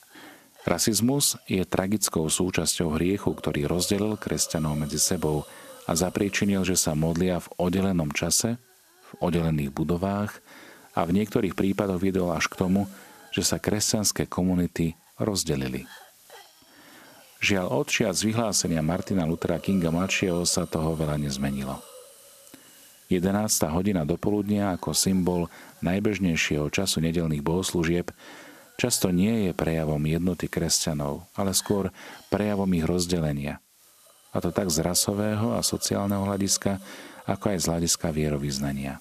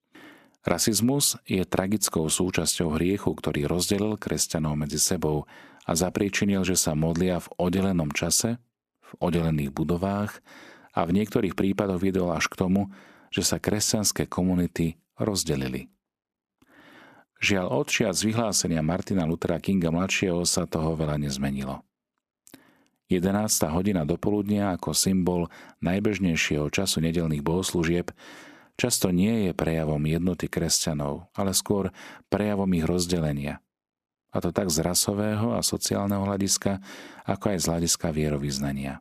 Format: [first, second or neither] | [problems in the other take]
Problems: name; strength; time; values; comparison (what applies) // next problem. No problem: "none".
second | hiss; faint; throughout; 25 dB below the speech